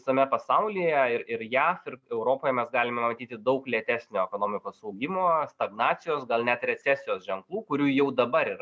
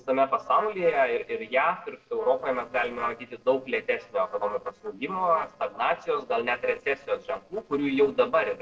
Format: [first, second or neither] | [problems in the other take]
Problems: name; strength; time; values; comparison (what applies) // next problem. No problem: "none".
first | noise reduction (neural separator model SepFormer DNS4)